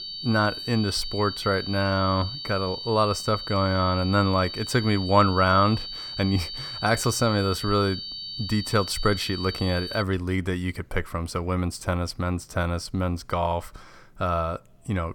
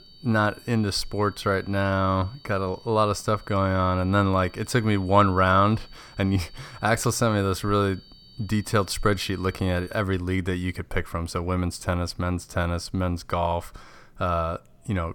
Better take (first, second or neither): second